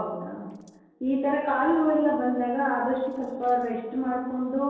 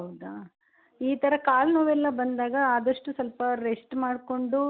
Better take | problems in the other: second | noise reduction (neural separator model SepFormer DNS4)

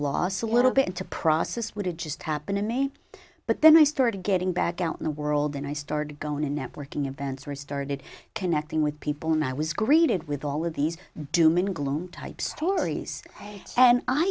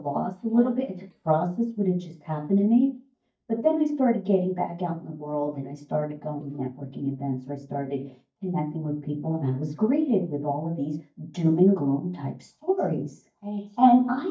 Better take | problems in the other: first | noise reduction (neural mask model DeepFilterNet 3)

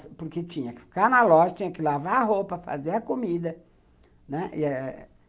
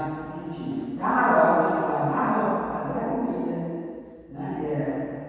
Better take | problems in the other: first | room echo; dies away in 2.1 s

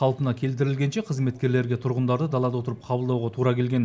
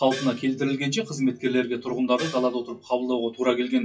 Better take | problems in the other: first | noise reduction (classical method WPE with log-MMSE)

